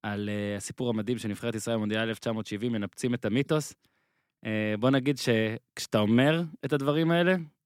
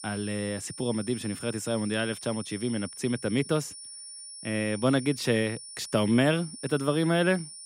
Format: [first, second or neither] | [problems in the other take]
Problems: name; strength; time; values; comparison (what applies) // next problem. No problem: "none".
first | high-pitched whine; noticeable; throughout; 9.5 kHz, 10 dB below the speech